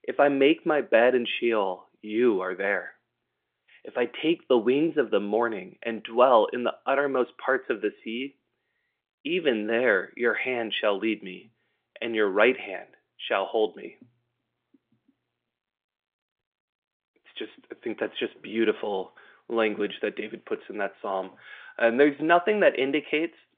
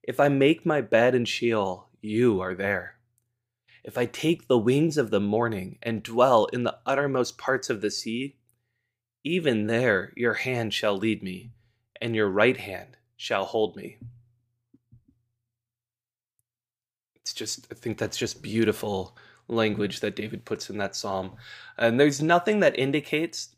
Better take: second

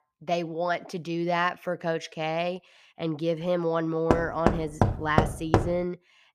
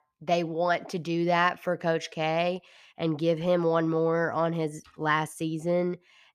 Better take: second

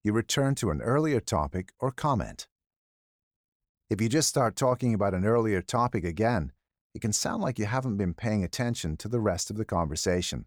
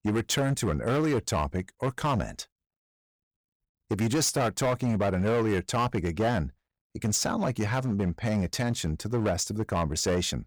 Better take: first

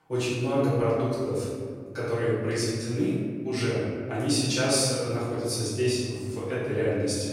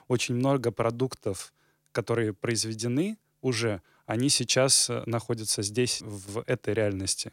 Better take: second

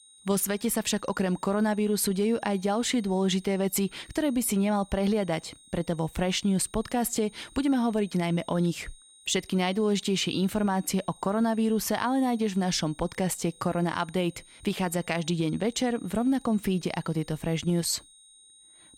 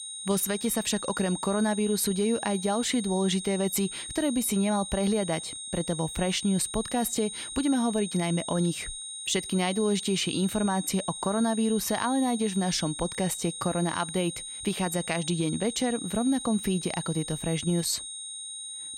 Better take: first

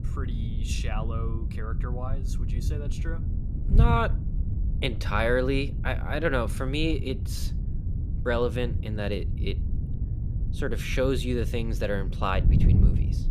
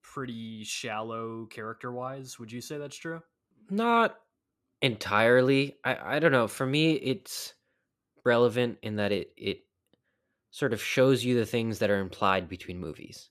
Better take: second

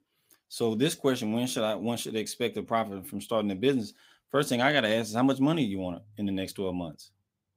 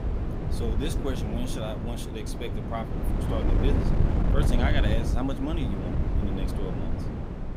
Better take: first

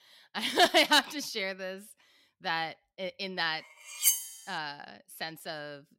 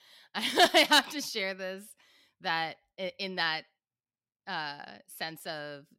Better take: second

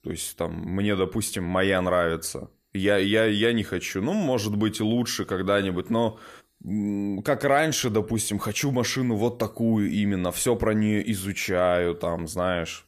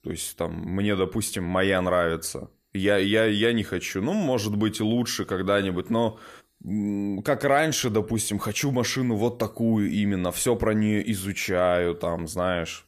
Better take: neither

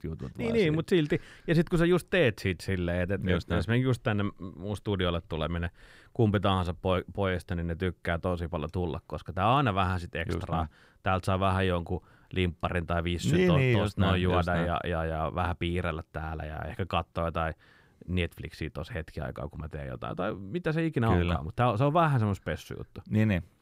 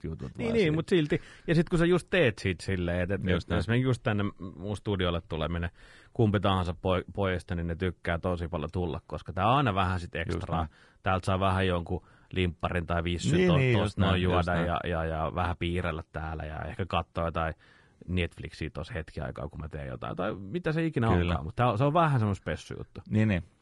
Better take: first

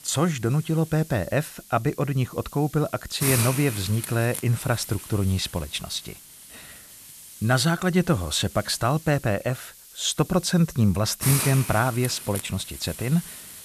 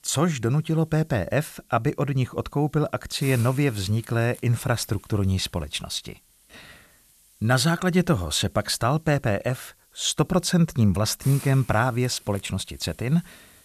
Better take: second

